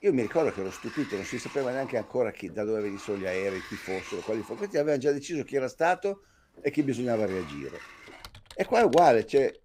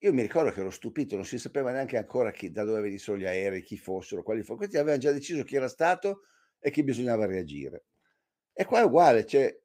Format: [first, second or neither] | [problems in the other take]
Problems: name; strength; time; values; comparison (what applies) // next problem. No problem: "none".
second | household noises; noticeable; throughout; 15 dB below the speech